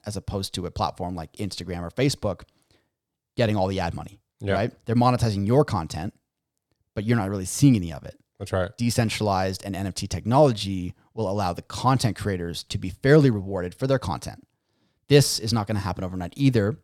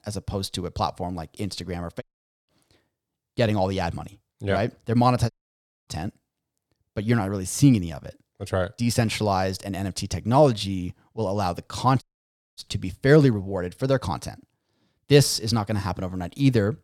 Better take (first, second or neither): first